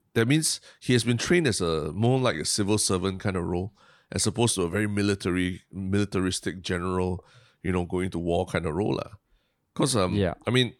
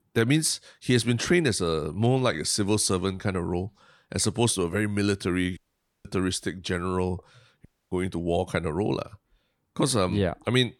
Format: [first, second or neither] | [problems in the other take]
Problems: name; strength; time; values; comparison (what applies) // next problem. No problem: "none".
first | audio cutting out; at 5.5 s and at 7.5 s